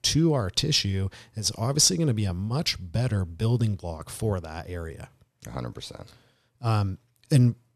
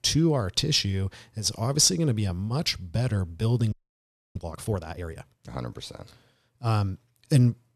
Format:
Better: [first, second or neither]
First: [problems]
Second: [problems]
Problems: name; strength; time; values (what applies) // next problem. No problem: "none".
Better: first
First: none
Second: audio freezing; at 3.5 s for 0.5 s